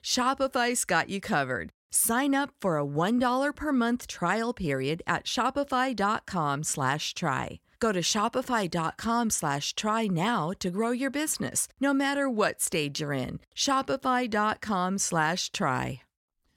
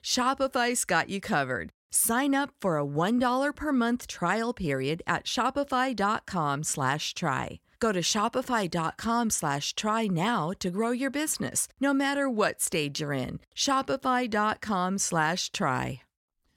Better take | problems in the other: neither | none

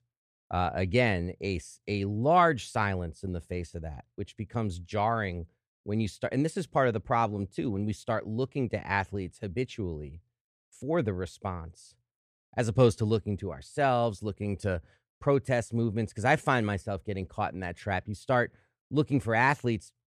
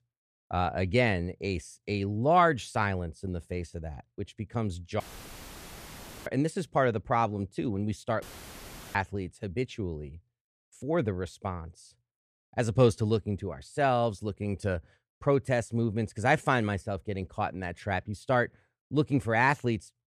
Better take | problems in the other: first | audio cutting out; filled with static; at 5 s for 1.5 s and at 8 s for 0.5 s

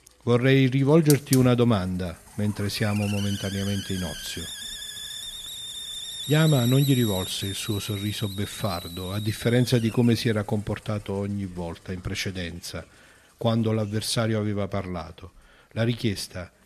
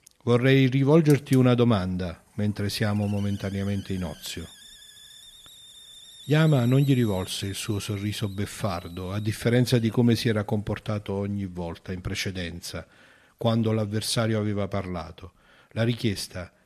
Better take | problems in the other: second | hiss; loud; throughout; 9 dB below the speech; faint in the second

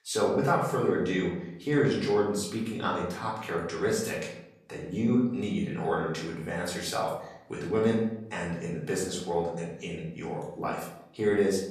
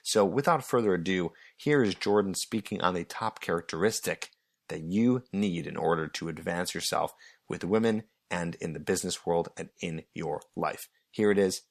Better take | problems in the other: second | room echo; noticeable; dies away in 0.7 s // off-mic speech; far

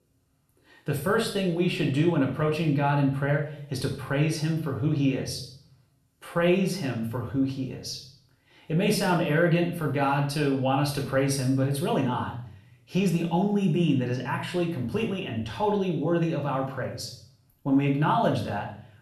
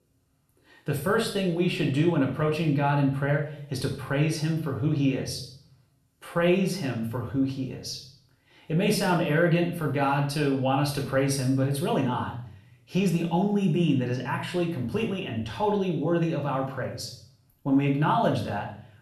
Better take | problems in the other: neither | room echo; slight; dies away in 0.5 s; the same in both // off-mic speech; far; the same in both

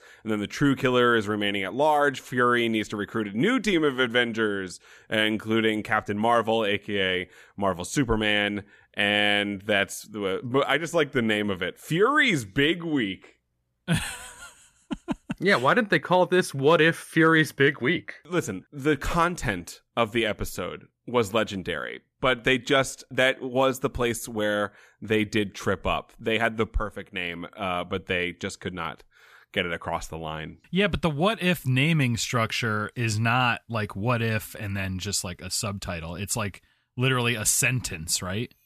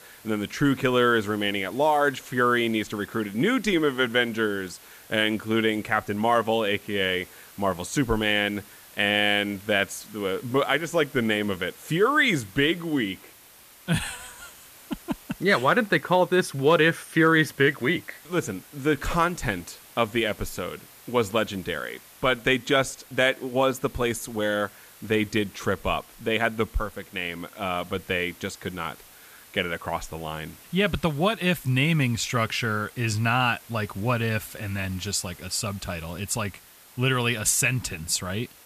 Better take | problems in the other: first | hiss; faint; throughout; 20 dB below the speech

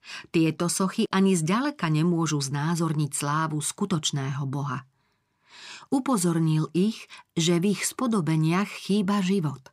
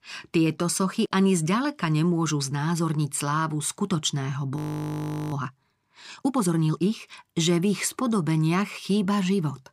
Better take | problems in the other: first | audio freezing; at 4.5 s for 1 s

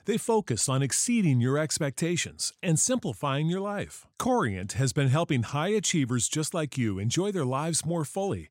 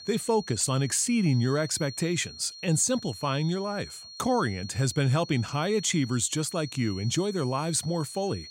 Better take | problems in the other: first | high-pitched whine; noticeable; throughout; 4.5 kHz, 15 dB below the speech

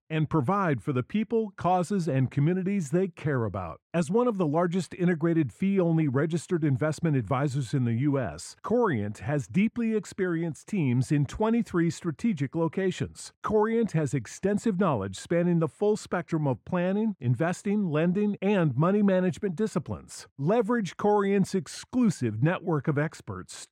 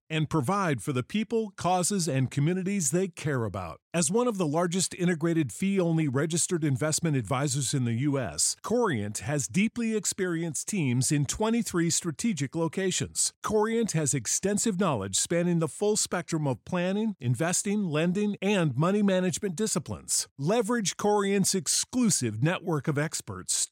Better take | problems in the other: second | muffled; very; fading above 3.5 kHz

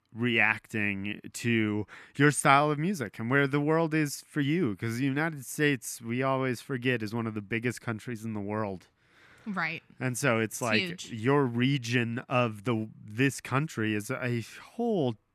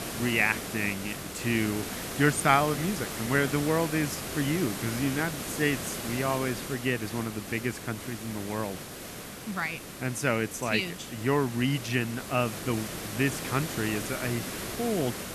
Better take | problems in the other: first | hiss; loud; throughout; 7 dB below the speech

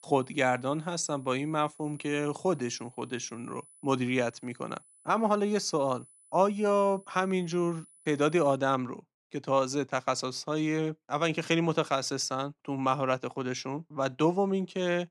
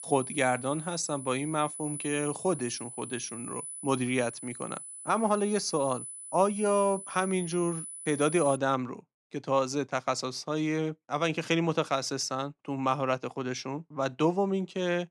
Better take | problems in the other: first | high-pitched whine; loud; until 8.5 s; 10 kHz, 9 dB below the speech; faint in the first

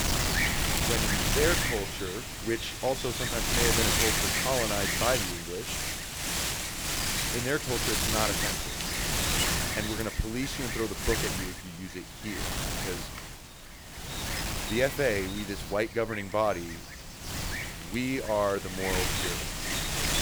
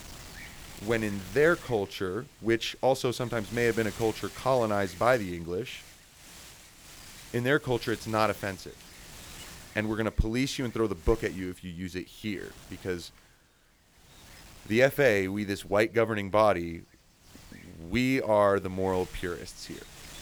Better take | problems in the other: second | wind noise on the microphone; heavy; 2 dB above the speech; occasional gusts in the second

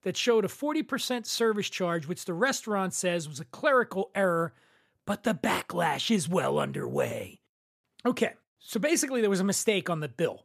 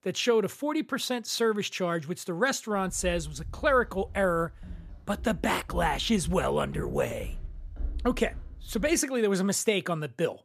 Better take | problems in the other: first | footsteps; noticeable; from 3 to 9 s; peak 9 dB below the speech

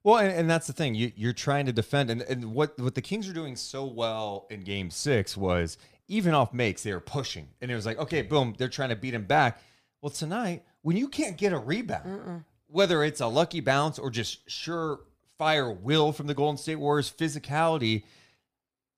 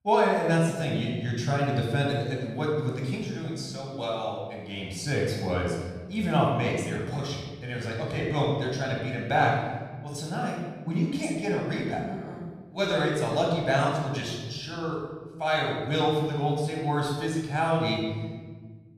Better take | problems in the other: first | off-mic speech; somewhat distant // room echo; noticeable; dies away in 1.4 s

